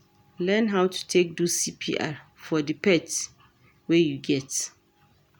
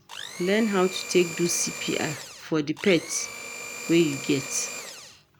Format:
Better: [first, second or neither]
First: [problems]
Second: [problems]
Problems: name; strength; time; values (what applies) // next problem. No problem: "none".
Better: first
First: none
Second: background sound (Domestic sounds, home sounds); 11 dB below the speech